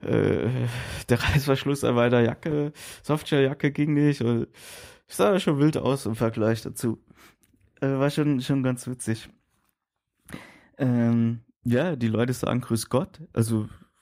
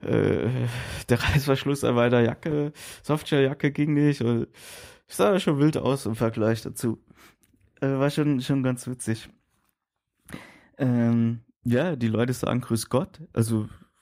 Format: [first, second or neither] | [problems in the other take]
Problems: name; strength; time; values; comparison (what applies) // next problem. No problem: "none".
neither | none